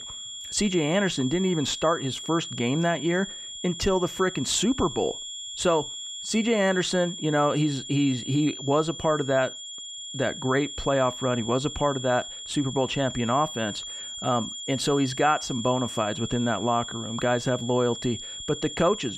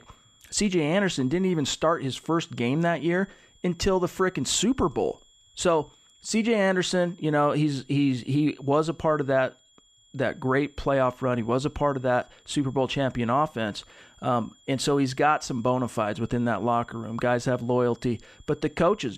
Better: second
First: high-pitched whine; loud; throughout; 3.5 kHz, 9 dB below the speech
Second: high-pitched whine; faint; throughout; 3.5 kHz, 30 dB below the speech

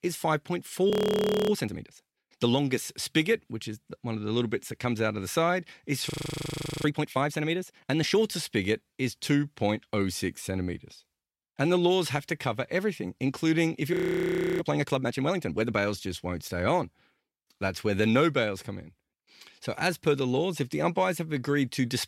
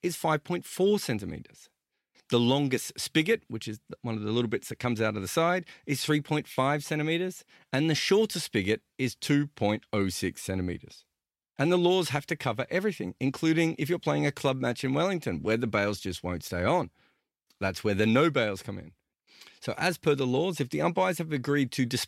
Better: second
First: audio freezing; at 1 s for 0.5 s, at 6 s for 0.5 s and at 14 s for 0.5 s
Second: none

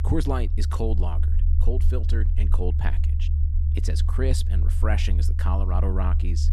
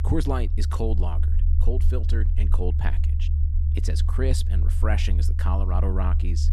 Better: neither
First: low rumble; loud; throughout; 8 dB below the speech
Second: low rumble; loud; throughout; 8 dB below the speech

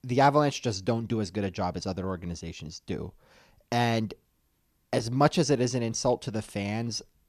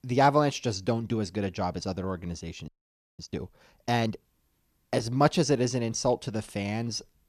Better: first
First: none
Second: audio freezing; at 2.5 s for 0.5 s

